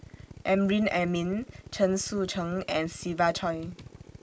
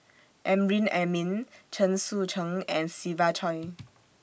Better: second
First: background sound (Drill); 18 dB below the speech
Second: none

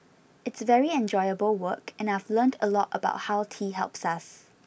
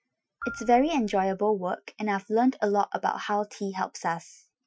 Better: first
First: none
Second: noise reduction (classical method Wiener filter)

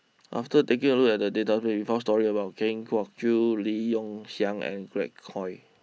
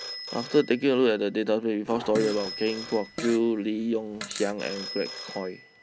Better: first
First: none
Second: background sound (Fart + Telephone); 13 dB below the speech

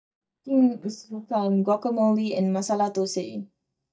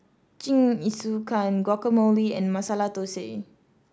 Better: second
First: noise reduction (neural mask model DeepFilterNet 3)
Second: none

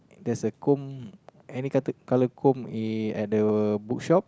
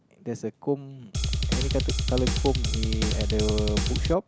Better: first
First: none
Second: background sound (Drum kit); 5 dB above the speech

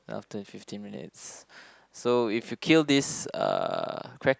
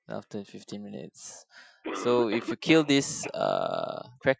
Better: first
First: none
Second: noise reduction (classical method Wiener filter)

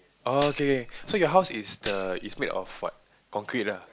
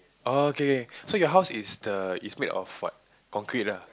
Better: second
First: background sound (Tambourine); 13 dB below the speech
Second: none

